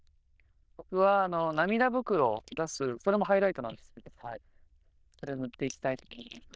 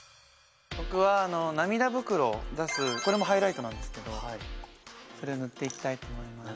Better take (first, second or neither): second